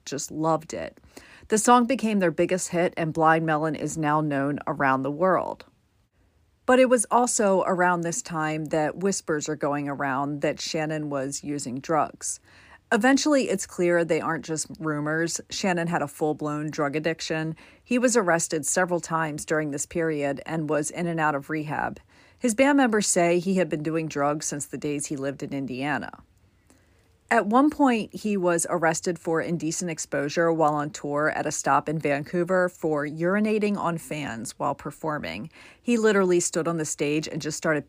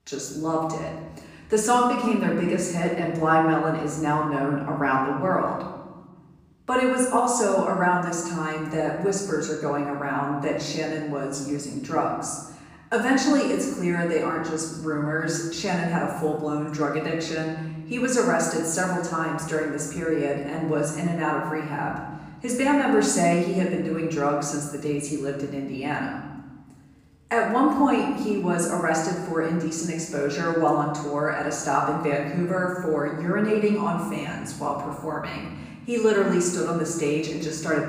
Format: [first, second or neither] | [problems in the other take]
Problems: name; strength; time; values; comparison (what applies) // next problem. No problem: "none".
first | off-mic speech; far // room echo; noticeable; dies away in 1.3 s